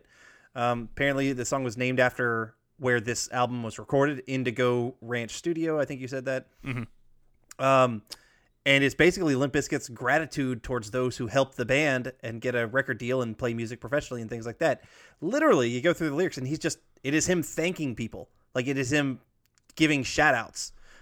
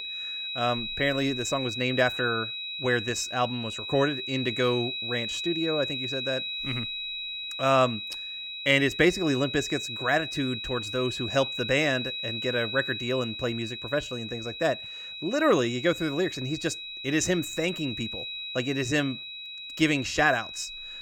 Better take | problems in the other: first | high-pitched whine; loud; throughout; 4 kHz, 5 dB below the speech

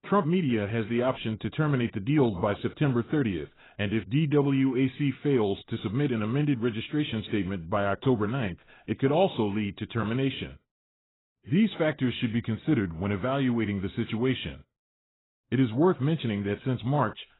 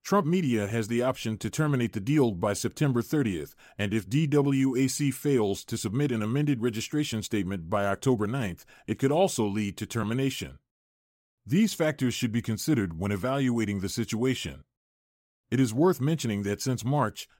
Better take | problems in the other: second | garbled, watery; badly; nothing above 4 kHz

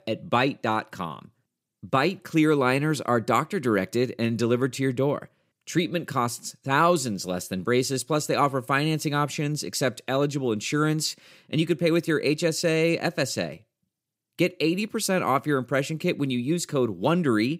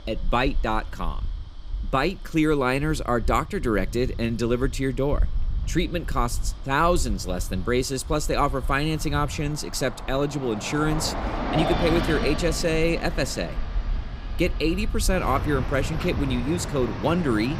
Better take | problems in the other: first | traffic noise; loud; throughout; 7 dB below the speech

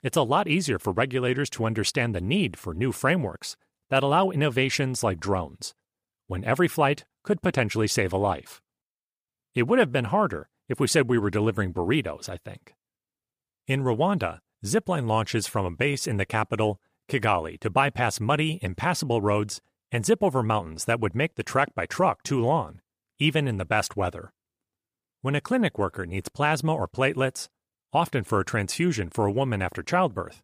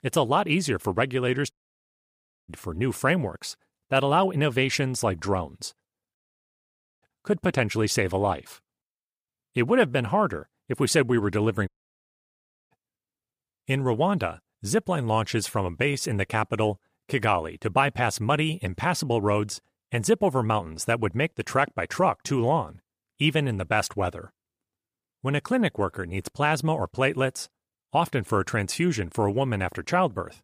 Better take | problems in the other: first | audio cutting out; at 1.5 s for 1 s, at 6 s for 1 s and at 12 s for 1 s

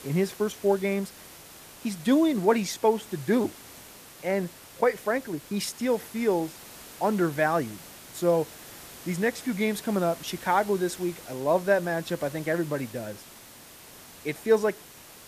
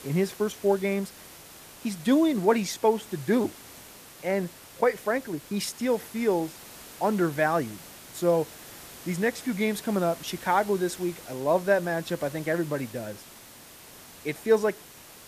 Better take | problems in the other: neither | hiss; noticeable; throughout; 15 dB below the speech; the same in both

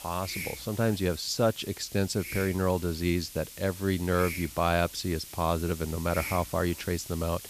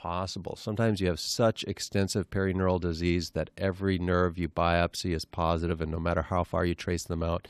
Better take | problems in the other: second | hiss; noticeable; throughout; 10 dB below the speech

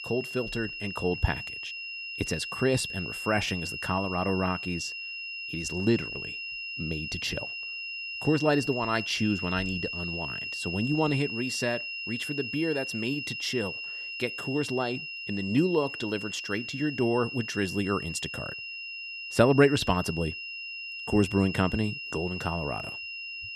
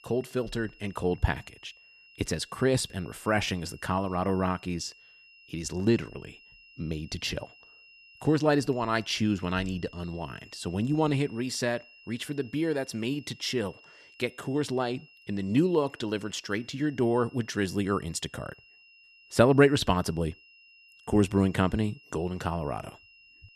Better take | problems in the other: second | high-pitched whine; loud; throughout; 3 kHz, 5 dB below the speech; faint in the second

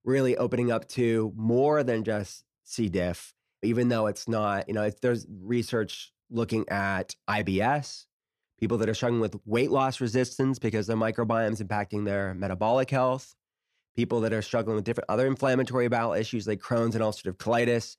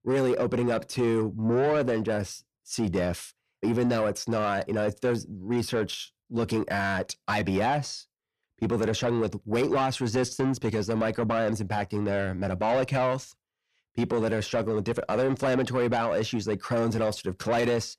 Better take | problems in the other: first | distortion; slight; 10 dB below the speech

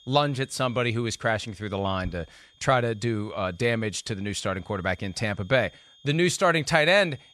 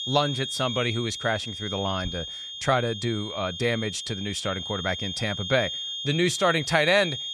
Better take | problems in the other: first | high-pitched whine; loud; throughout; 3 kHz, 6 dB below the speech; faint in the first

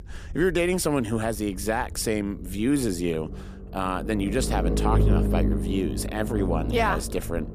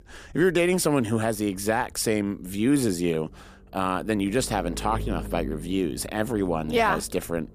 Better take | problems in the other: second | low rumble; loud; throughout; 7 dB below the speech; faint in the second

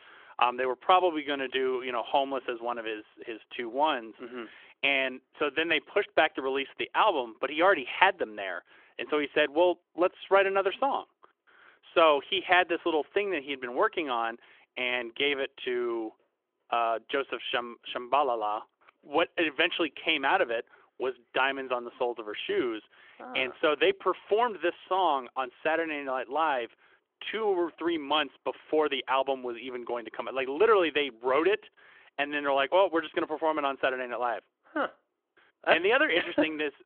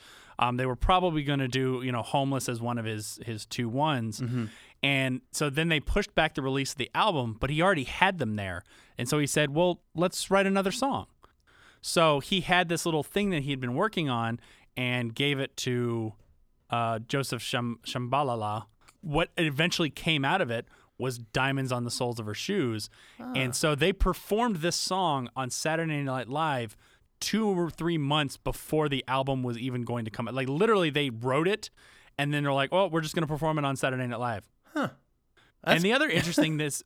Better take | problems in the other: second | phone-call audio; nothing above 3.5 kHz

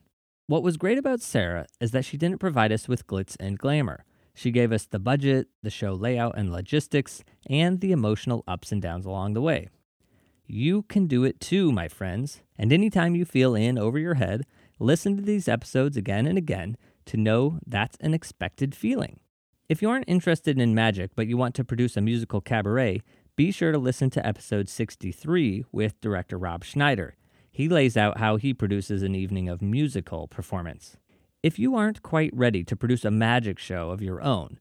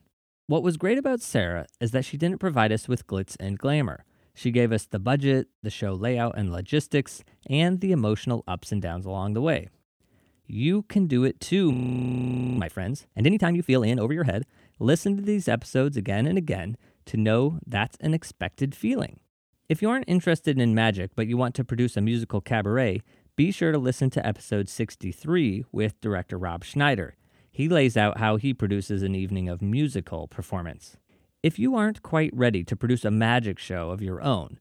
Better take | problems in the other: first | audio freezing; at 12 s for 1 s

